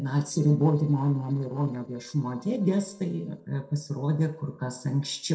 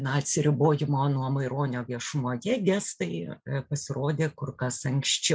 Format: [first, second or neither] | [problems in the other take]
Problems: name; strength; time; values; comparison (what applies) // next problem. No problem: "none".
second | noise reduction (neural separator model SepFormer DNS4)